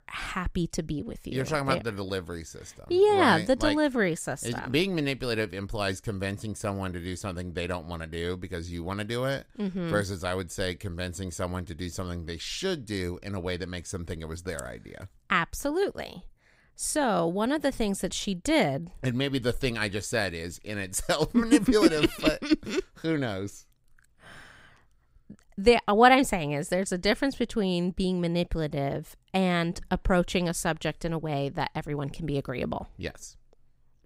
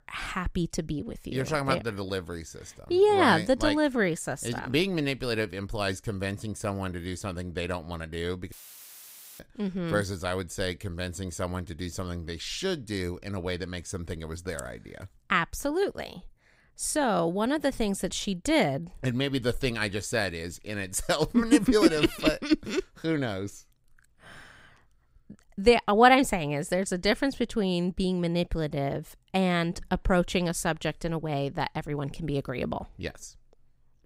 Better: first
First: none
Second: audio cutting out; filled with static; at 8.5 s for 1 s

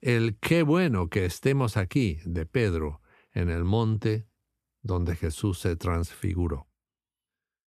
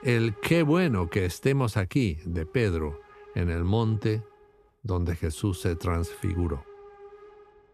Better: first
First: none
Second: hiss; noticeable; throughout; 20 dB below the speech

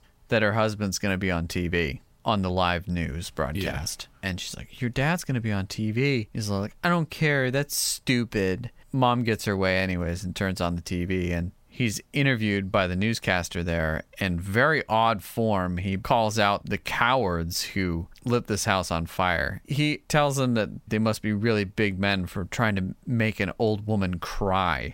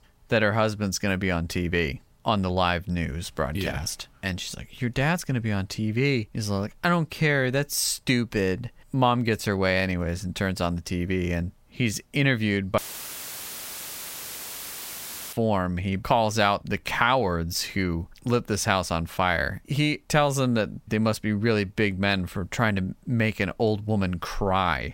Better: first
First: none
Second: audio cutting out; filled with static; at 13 s for 2.5 s

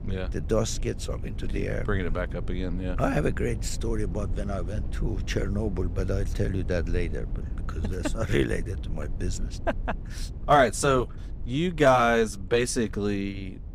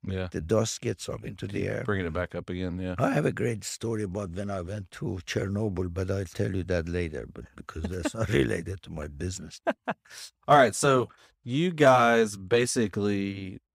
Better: second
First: low rumble; faint; throughout; 20 dB below the speech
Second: none

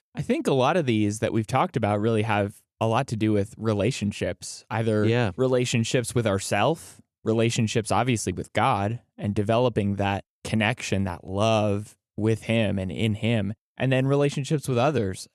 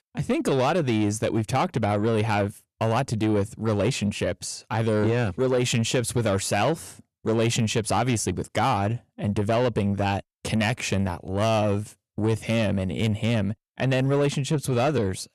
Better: first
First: none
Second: distortion; slight; 10 dB below the speech

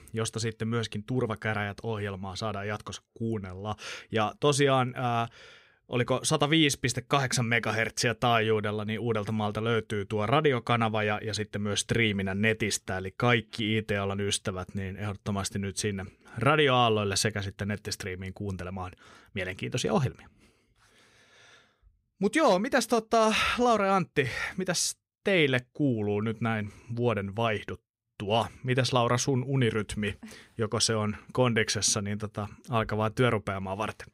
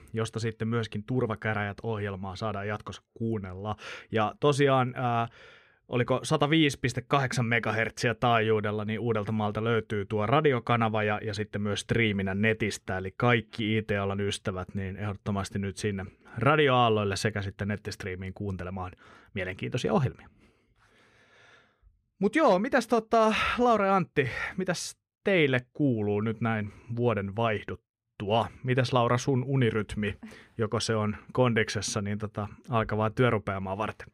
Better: first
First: none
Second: muffled; slightly; fading above 3.5 kHz

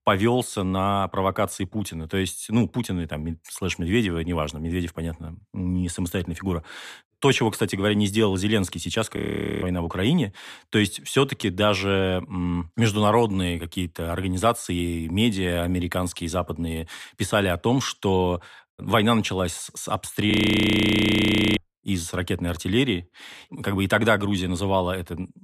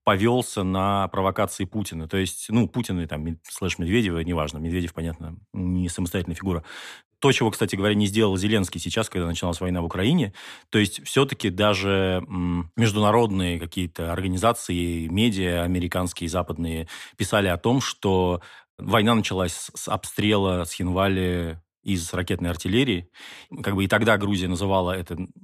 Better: second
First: audio freezing; at 9 s and at 20 s for 1.5 s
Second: none

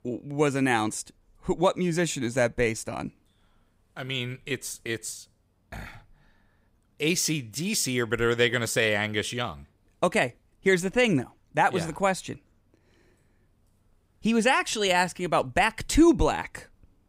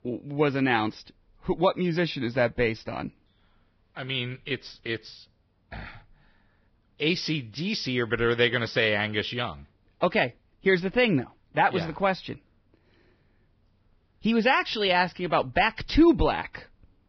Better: first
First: none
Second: garbled, watery; badly; nothing above 5.5 kHz

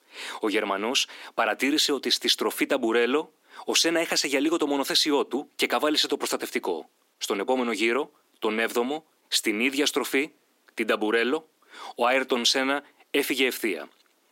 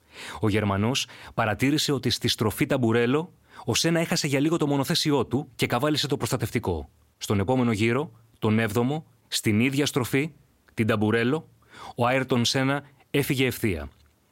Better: second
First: thin; somewhat; fading below 300 Hz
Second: none

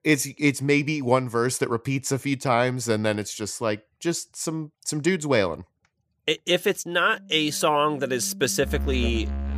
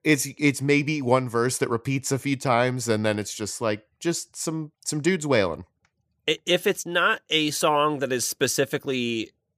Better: second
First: background music; loud; from 7.5 s on; 7 dB below the speech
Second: none

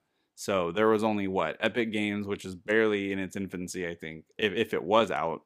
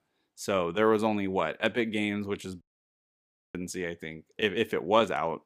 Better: first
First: none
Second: audio cutting out; at 2.5 s for 1 s

